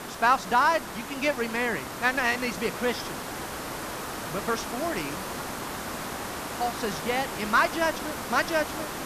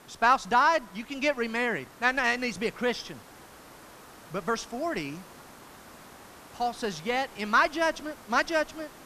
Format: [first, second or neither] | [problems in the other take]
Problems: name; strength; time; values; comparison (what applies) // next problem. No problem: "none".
second | hiss; loud; throughout; 7 dB below the speech; faint in the second